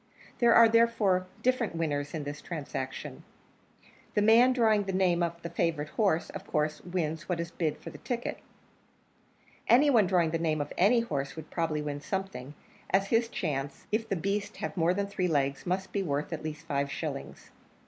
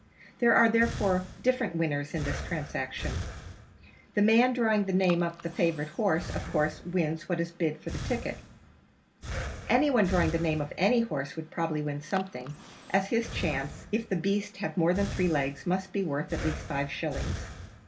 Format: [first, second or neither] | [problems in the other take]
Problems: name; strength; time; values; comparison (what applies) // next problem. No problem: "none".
first | background sound (Breathing); 11 dB below the speech // room echo; dies away in 0.2 s